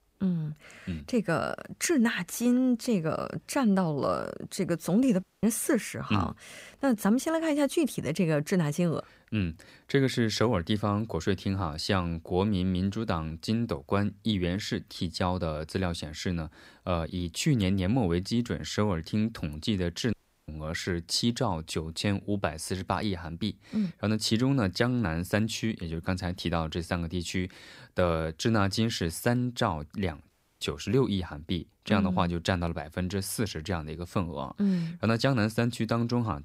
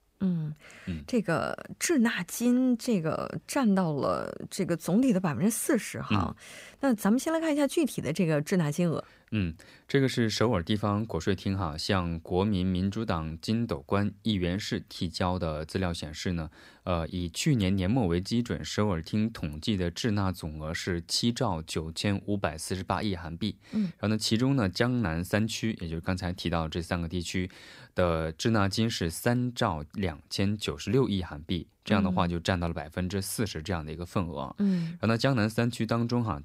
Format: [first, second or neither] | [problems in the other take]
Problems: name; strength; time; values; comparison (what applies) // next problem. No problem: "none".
second | audio cutting out; at 5 s, at 20 s and at 30 s